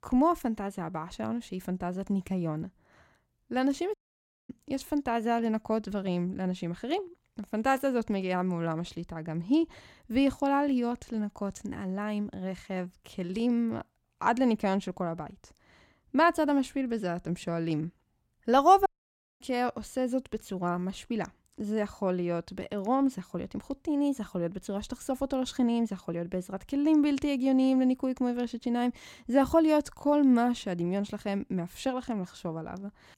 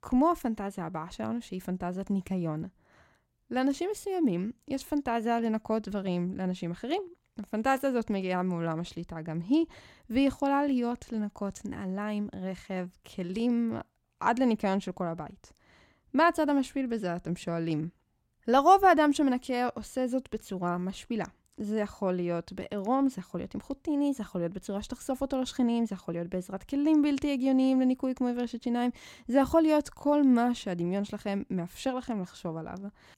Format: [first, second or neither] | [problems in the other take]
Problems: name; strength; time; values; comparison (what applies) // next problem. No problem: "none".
second | audio cutting out; at 4 s for 0.5 s and at 19 s for 0.5 s